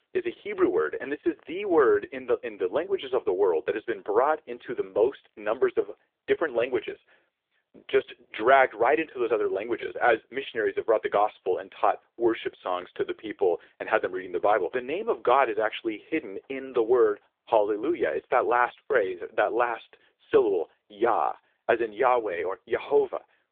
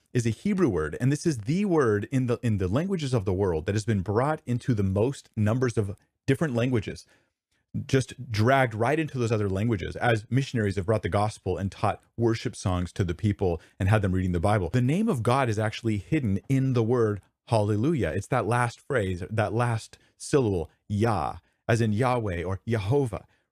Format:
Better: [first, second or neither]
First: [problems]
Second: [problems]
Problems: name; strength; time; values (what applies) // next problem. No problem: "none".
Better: second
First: phone-call audio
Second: none